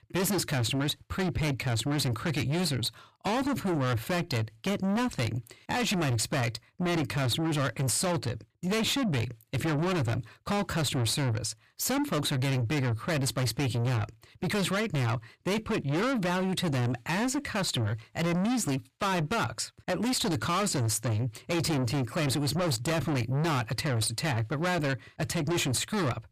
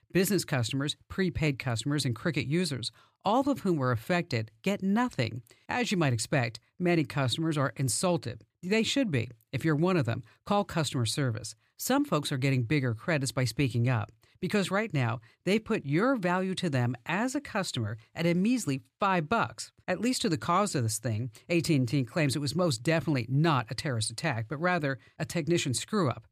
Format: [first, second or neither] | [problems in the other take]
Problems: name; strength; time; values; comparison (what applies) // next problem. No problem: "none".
second | distortion; heavy; 6 dB below the speech